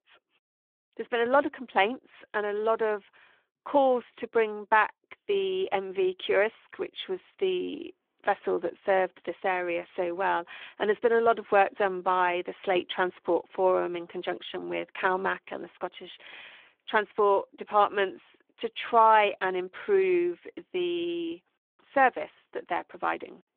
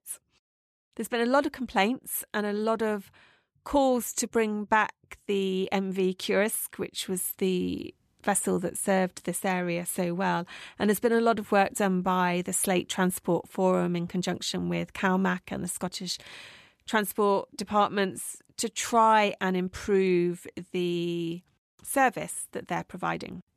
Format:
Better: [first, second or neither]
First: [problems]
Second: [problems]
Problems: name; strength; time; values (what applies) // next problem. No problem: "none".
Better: second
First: phone-call audio; nothing above 3.5 kHz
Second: none